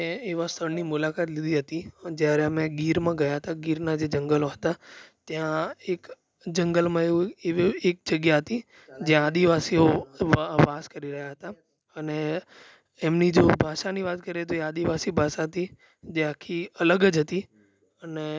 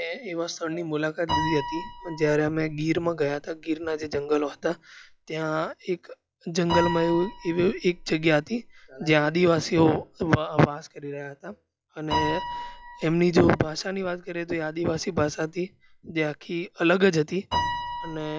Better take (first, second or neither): first